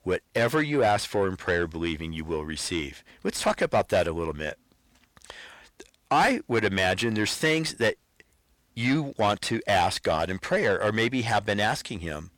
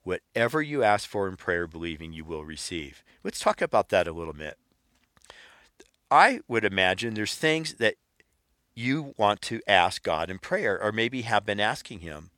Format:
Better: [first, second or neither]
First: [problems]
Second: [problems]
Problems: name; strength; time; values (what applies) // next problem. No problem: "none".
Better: second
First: distortion; heavy; 6 dB below the speech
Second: none